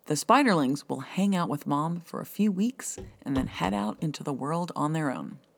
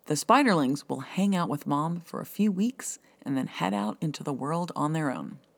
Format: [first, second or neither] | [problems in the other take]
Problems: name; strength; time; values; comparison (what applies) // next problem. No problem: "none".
second | footsteps; faint; at 3 s; peak 10 dB below the speech